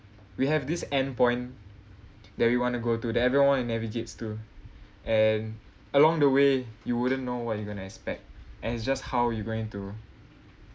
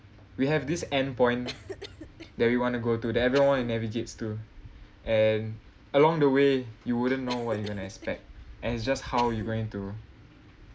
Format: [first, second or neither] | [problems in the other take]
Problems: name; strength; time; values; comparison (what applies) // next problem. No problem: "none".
first | background sound (Cough); 18 dB below the speech